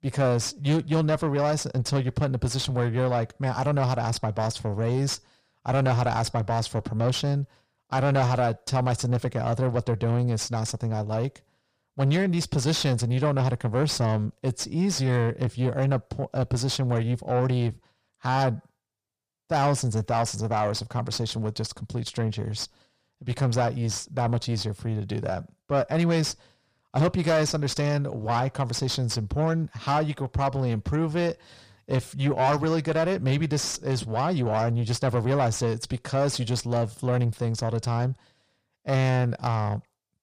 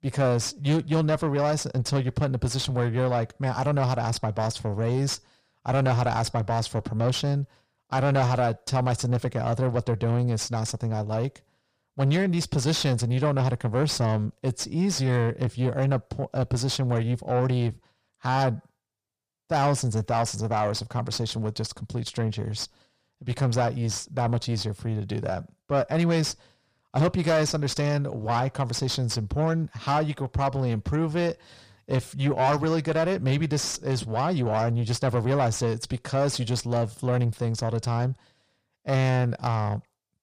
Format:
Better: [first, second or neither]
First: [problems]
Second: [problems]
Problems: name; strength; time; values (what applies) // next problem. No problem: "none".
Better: neither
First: distortion; slight; 10 dB below the speech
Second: distortion; slight; 10 dB below the speech